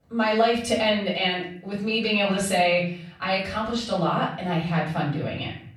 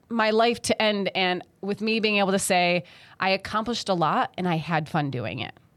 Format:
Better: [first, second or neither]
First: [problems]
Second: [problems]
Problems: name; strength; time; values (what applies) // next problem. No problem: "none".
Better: second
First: room echo; noticeable; dies away in 0.6 s // off-mic speech; far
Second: none